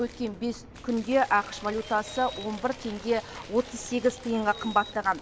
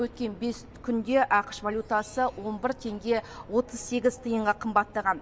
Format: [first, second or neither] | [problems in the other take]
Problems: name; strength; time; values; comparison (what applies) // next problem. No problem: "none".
second | background sound (Bird vocalization, bird call, bird song + Applause / Crowd / Cheering); 17 dB below the speech